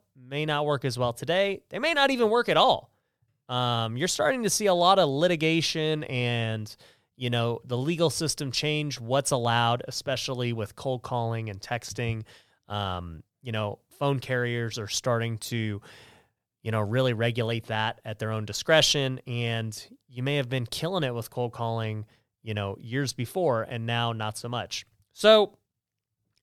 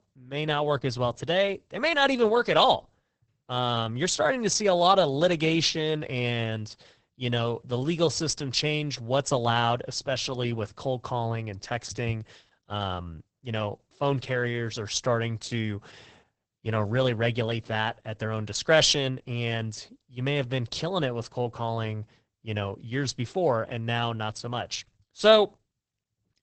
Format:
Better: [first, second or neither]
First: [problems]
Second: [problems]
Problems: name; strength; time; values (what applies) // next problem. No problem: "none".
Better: first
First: none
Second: garbled, watery; badly; nothing above 8 kHz